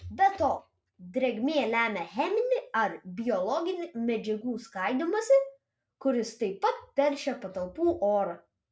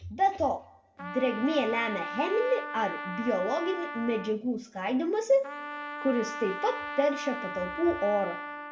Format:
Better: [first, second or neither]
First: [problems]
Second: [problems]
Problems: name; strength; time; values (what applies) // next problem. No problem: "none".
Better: first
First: none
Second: background sound (Trumpet); 9 dB below the speech // room echo; dies away in 1.1 s